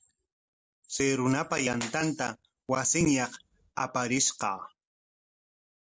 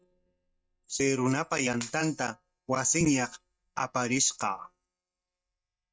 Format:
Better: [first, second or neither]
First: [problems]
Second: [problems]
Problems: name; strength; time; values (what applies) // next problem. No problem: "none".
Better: first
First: none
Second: noise reduction (neural mask model DeepFilterNet 3)